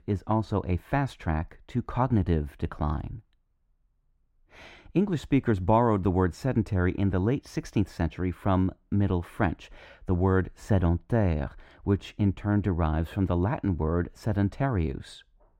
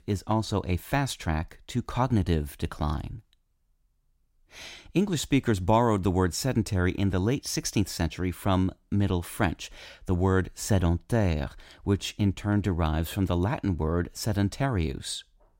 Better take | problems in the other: second | muffled; very; fading above 3 kHz

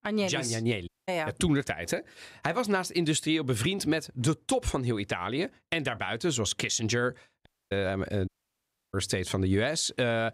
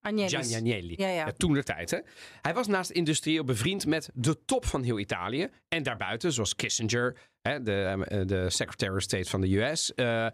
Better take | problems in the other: second | audio cutting out; at 1 s, at 7.5 s and at 8.5 s for 0.5 s

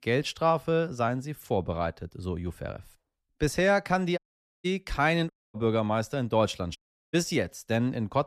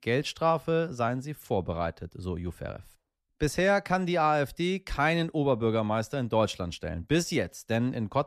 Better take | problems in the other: second | audio cutting out; at 4 s, at 5.5 s and at 7 s

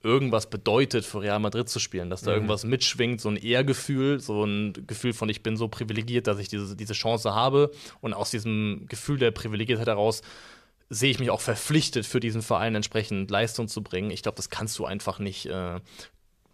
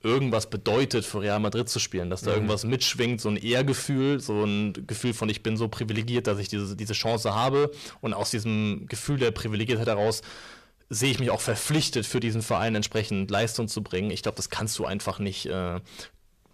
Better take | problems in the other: first | distortion; slight; 10 dB below the speech

